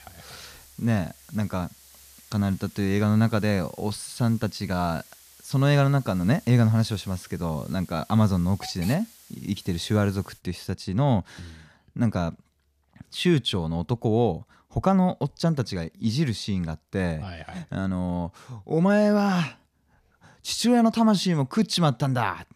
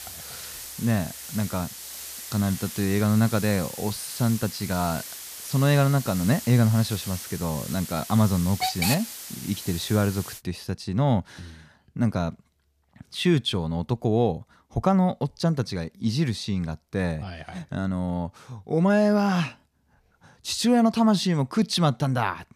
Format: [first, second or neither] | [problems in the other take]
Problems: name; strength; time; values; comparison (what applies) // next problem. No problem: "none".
first | hiss; loud; until 10 s; 9 dB below the speech; faint in the first